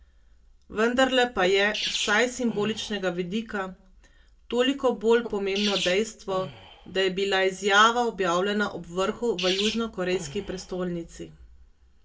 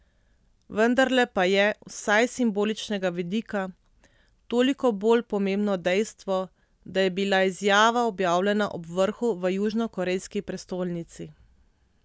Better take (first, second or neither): second